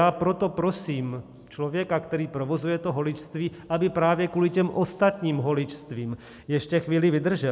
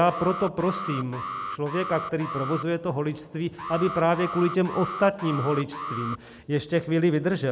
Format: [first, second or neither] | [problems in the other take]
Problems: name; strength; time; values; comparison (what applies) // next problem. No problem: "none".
first | background sound (Alarm); 9 dB below the speech